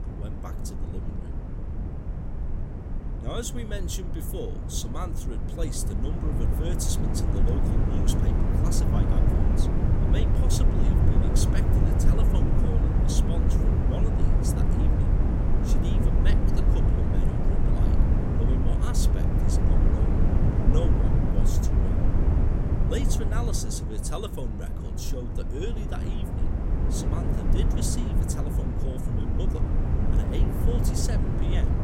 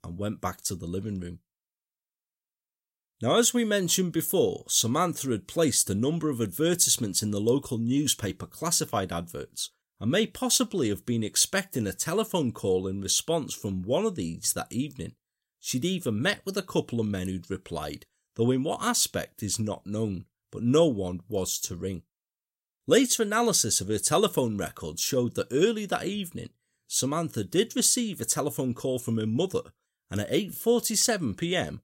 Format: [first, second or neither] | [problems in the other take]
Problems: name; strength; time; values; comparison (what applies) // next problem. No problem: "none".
second | wind noise on the microphone; heavy; 2 dB above the speech